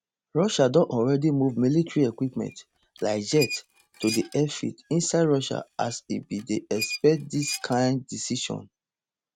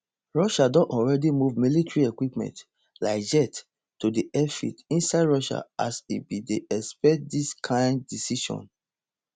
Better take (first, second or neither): second